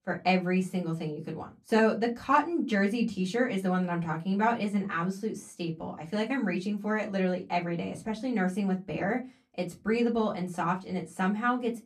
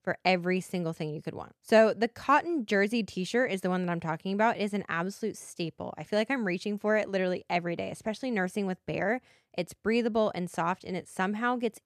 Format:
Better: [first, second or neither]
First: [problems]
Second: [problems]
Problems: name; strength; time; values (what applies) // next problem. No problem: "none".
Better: second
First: off-mic speech; far // room echo; very slight; dies away in 0.2 s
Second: none